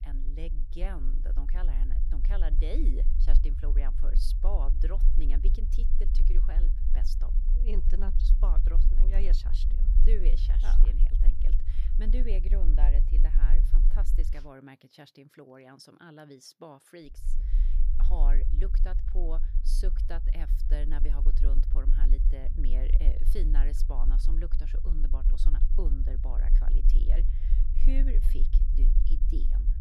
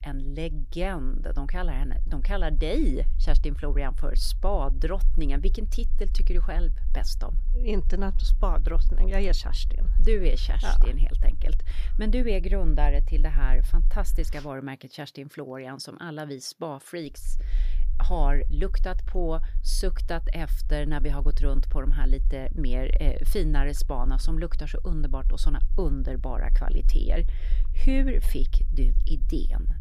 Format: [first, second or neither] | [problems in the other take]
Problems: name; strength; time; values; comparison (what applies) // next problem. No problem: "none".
second | low rumble; loud; until 14 s and from 17 s on; 7 dB below the speech; faint in the second